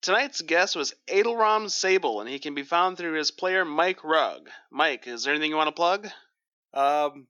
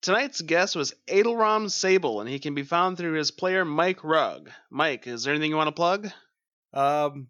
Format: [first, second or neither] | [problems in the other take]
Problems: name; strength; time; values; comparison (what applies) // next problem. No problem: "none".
second | thin; very slightly; fading below 250 Hz